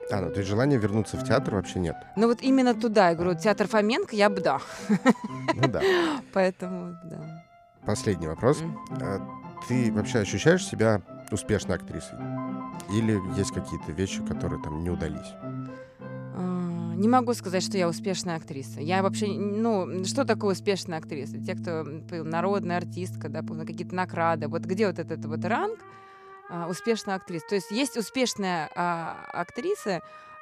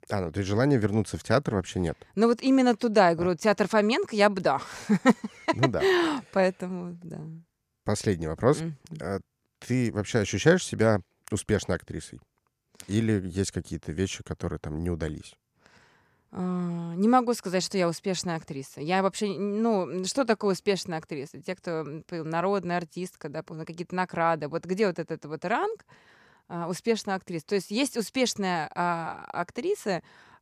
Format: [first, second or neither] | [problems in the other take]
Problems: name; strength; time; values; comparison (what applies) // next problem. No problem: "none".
second | background music; noticeable; throughout; 10 dB below the speech